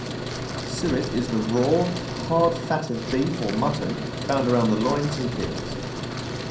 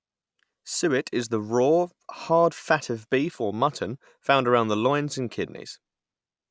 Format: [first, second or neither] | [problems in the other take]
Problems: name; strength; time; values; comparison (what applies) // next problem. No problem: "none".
second | background sound (Truck); 5 dB below the speech // room echo; dies away in 0.5 s